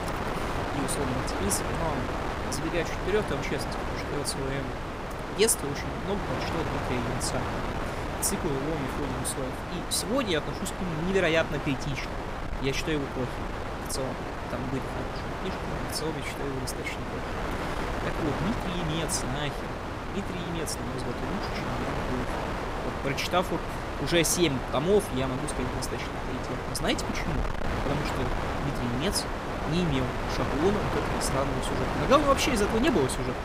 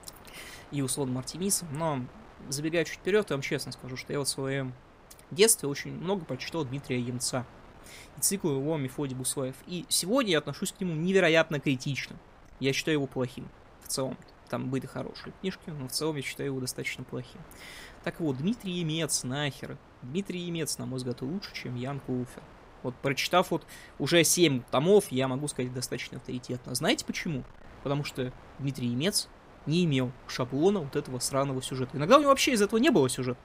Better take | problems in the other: second | wind noise on the microphone; heavy; 1 dB below the speech; occasional gusts in the second

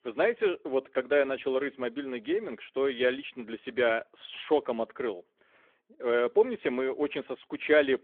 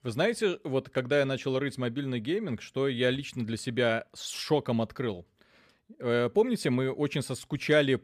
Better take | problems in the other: second | phone-call audio; nothing above 3.5 kHz

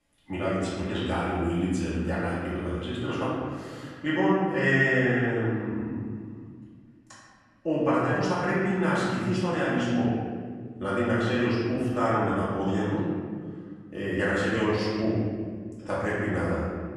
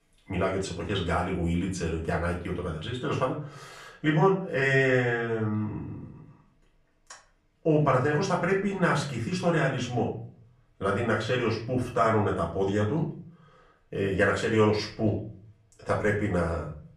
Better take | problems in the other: second | room echo; strong; dies away in 1.9 s; slight in the second // off-mic speech; far; far in the second

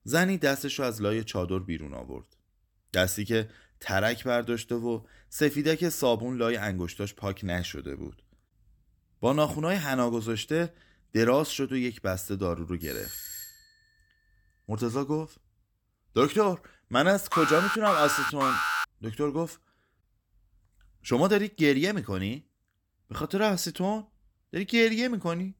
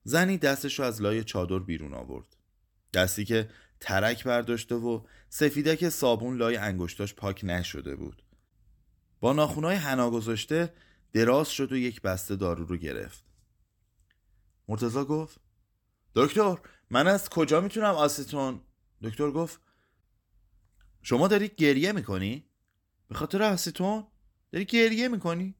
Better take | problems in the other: second | doorbell; noticeable; at 13 s; peak 8 dB below the speech // alarm; loud; from 17 to 19 s; peak 2 dB above the speech

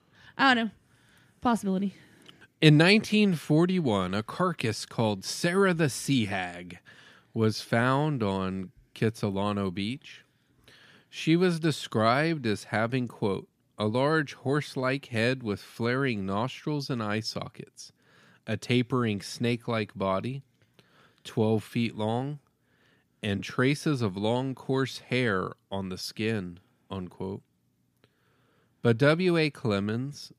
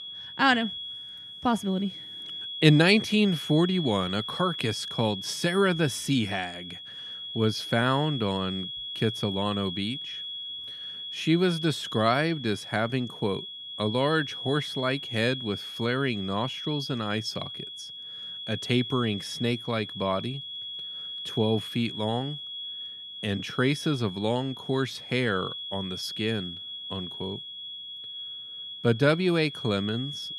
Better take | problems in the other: first | high-pitched whine; loud; throughout; 3.5 kHz, 8 dB below the speech

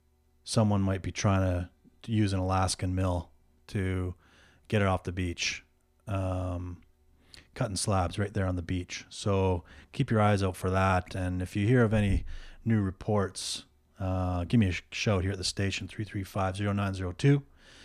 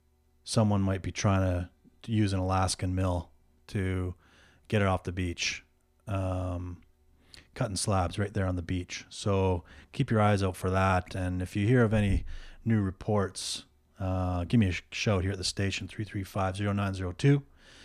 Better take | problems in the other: neither | none

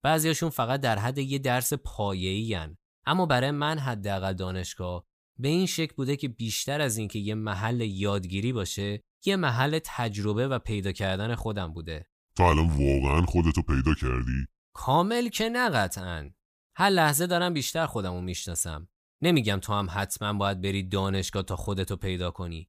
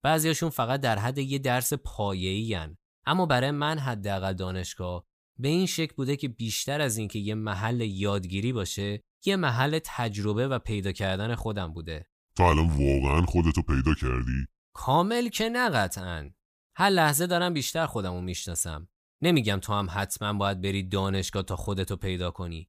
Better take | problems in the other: neither | none

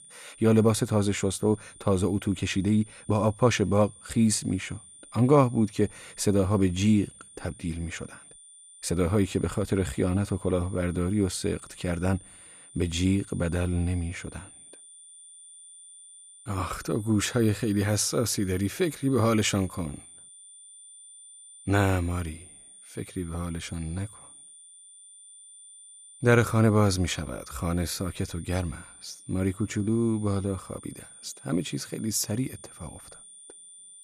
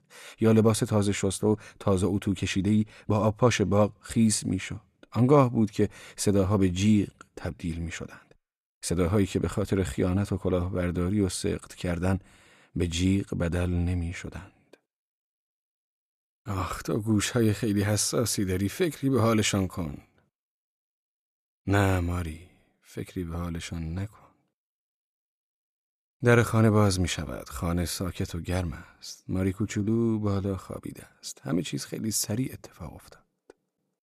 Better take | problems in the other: second | high-pitched whine; faint; throughout; 9 kHz, 20 dB below the speech

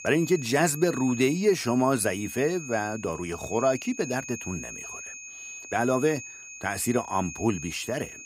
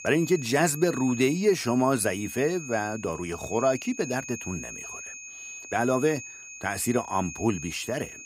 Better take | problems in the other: neither | high-pitched whine; noticeable; throughout; 2.5 kHz, 10 dB below the speech; the same in both

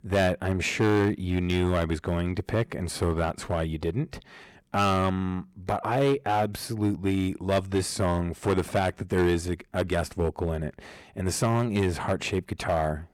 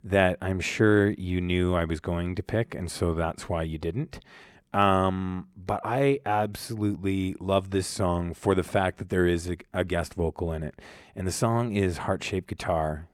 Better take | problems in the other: second | distortion; slight; 5% of the sound clipped

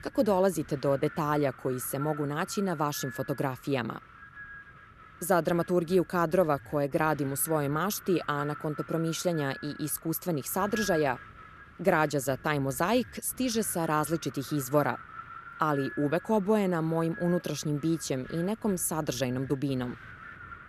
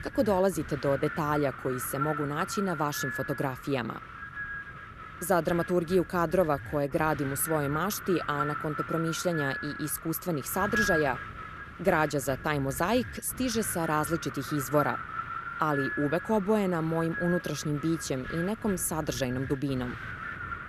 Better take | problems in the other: first | wind noise on the microphone; heavy; 5 dB below the speech; occasional gusts in the first

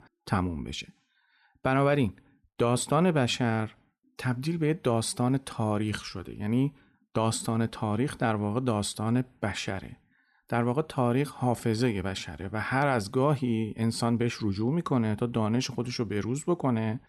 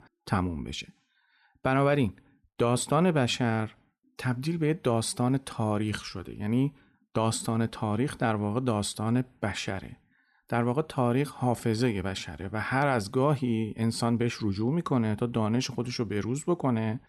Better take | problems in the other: neither | none

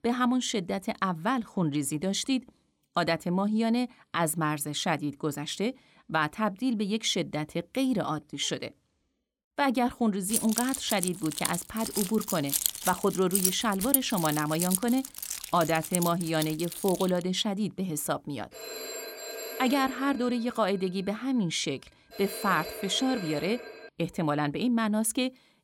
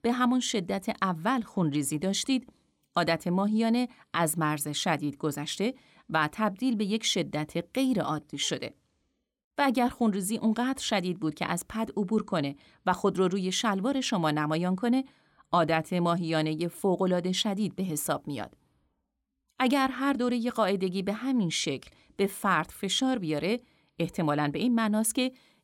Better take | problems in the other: second | jangling keys; loud; from 10 to 17 s; peak 3 dB above the speech // phone ringing; noticeable; from 19 to 24 s; peak 7 dB below the speech

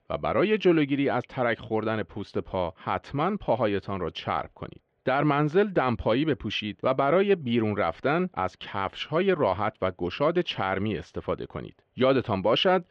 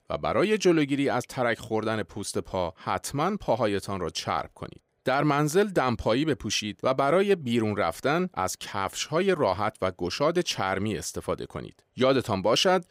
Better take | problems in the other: second | muffled; very; fading above 3 kHz

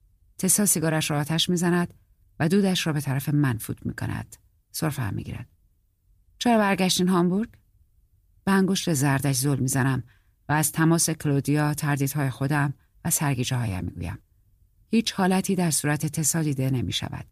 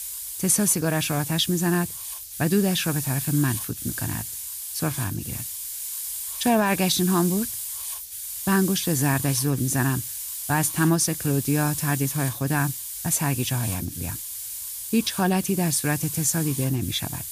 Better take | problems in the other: first | hiss; loud; throughout; 6 dB below the speech

